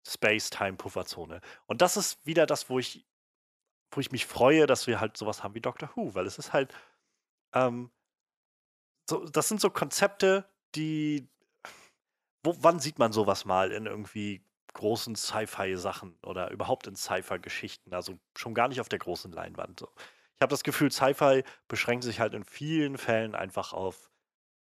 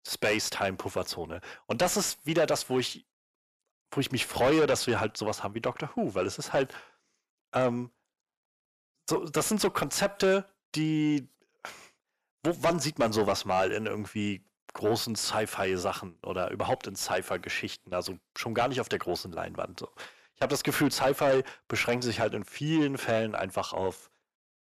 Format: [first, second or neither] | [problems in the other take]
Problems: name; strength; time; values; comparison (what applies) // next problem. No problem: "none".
first | distortion; heavy; 7 dB below the speech